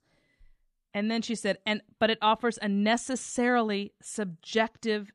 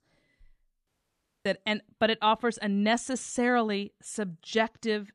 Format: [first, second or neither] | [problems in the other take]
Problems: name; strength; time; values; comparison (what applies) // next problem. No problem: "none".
first | audio cutting out; at 1 s for 0.5 s